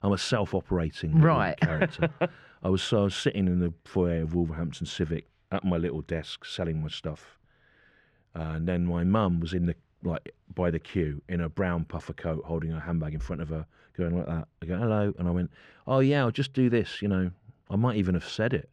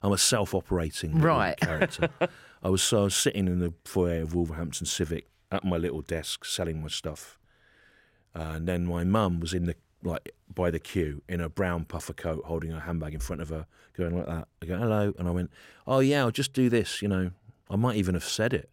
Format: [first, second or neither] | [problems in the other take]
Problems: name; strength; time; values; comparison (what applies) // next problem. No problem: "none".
second | muffled; slightly; fading above 3.5 kHz